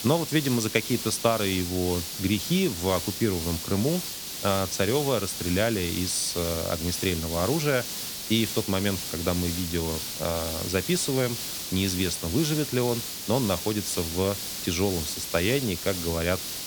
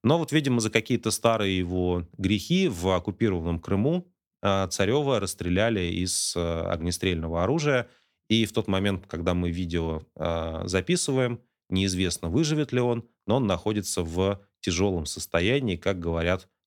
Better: second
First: hiss; loud; throughout; 4 dB below the speech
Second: none

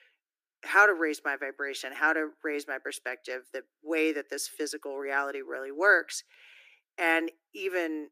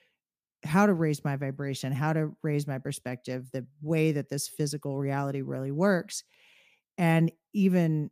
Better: second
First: thin; very; fading below 300 Hz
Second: none

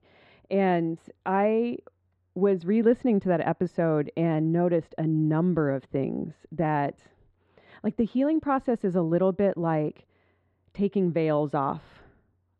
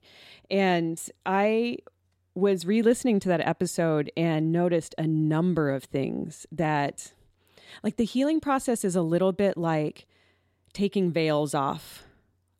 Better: second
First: muffled; very; fading above 1.5 kHz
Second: none

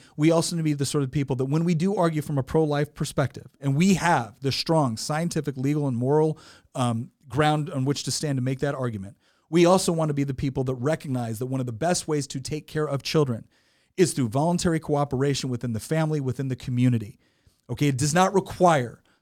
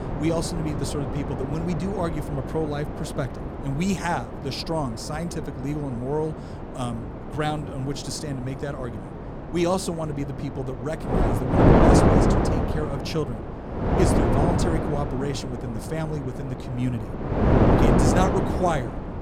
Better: first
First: none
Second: wind noise on the microphone; heavy; 4 dB above the speech

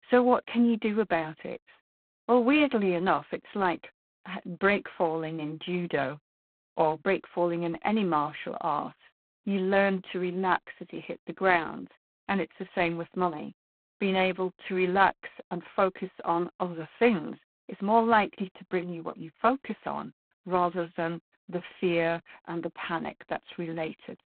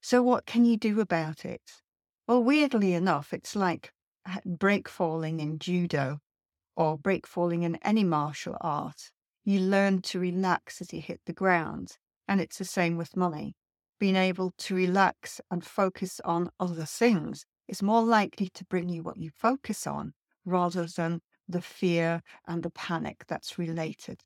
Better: second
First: phone-call audio; poor line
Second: none

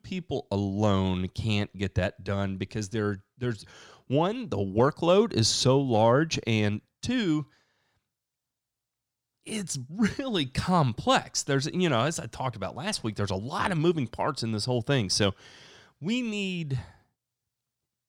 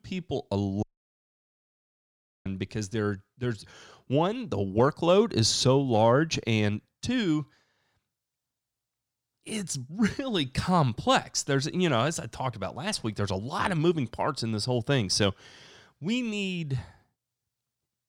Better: first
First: none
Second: audio cutting out; at 1 s for 1.5 s

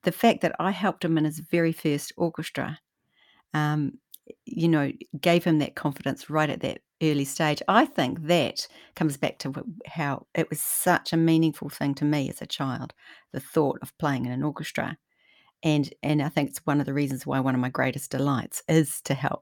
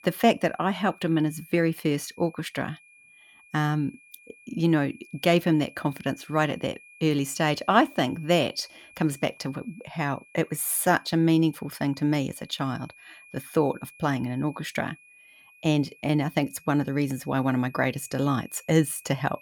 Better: first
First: none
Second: high-pitched whine; faint; throughout; 2.5 kHz, 25 dB below the speech

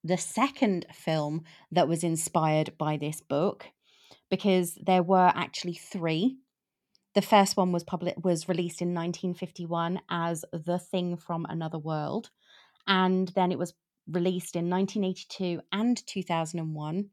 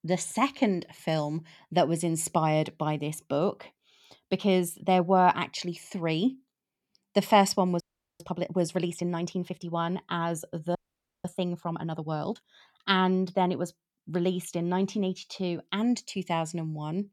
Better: first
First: none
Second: audio freezing; at 8 s and at 11 s

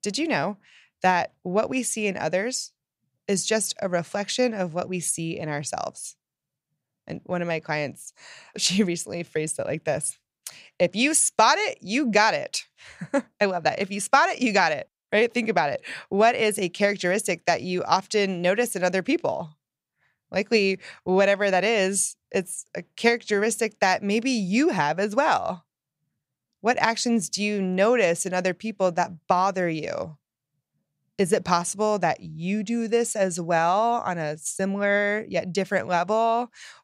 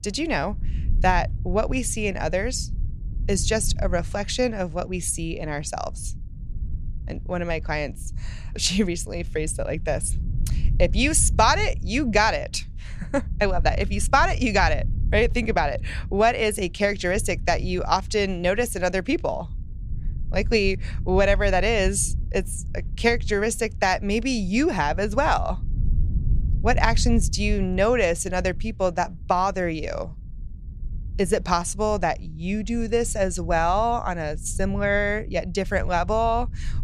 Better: first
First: none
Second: low rumble; faint; throughout; 25 dB below the speech

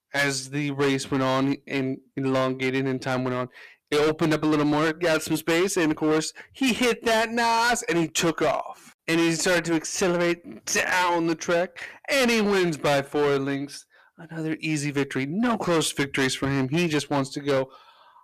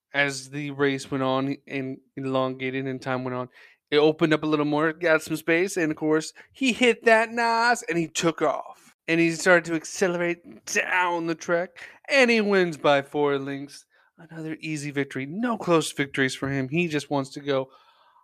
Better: second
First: distortion; heavy; 16% of the sound clipped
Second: none

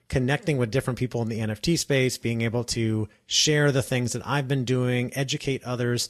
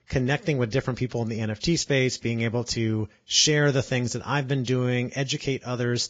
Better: first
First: garbled, watery; slightly; nothing above 15 kHz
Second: garbled, watery; badly

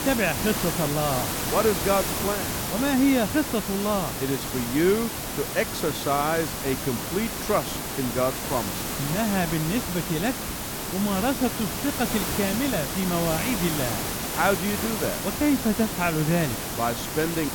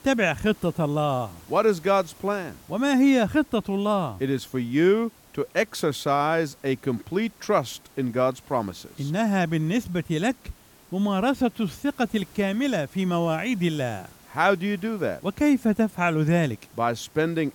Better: second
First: hiss; loud; throughout; 2 dB below the speech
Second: hiss; faint; throughout; 25 dB below the speech

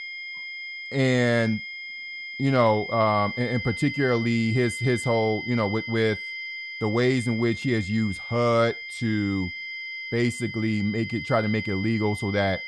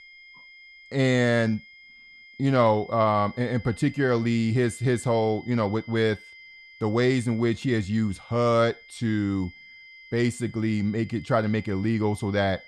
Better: second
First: high-pitched whine; loud; throughout; 2 kHz, 8 dB below the speech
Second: high-pitched whine; faint; throughout; 2 kHz, 20 dB below the speech

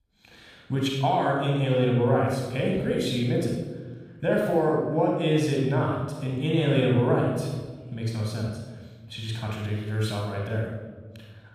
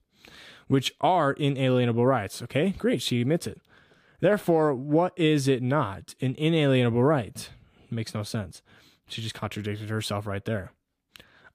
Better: second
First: room echo; noticeable; dies away in 1.1 s // off-mic speech; somewhat distant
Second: none

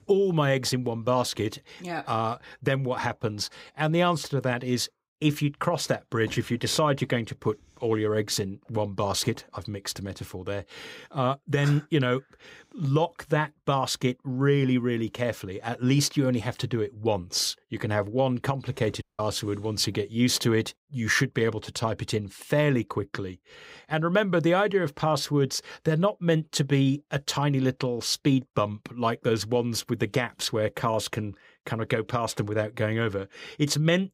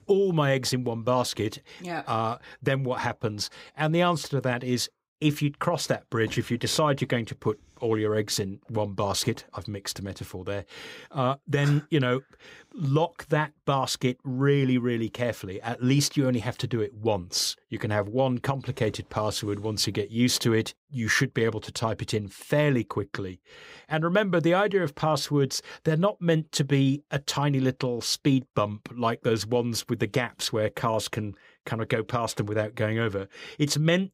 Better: second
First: audio cutting out; at 19 s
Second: none

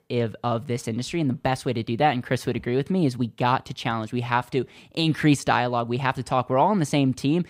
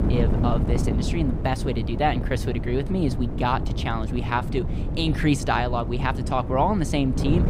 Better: first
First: none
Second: wind noise on the microphone; heavy; 10 dB below the speech

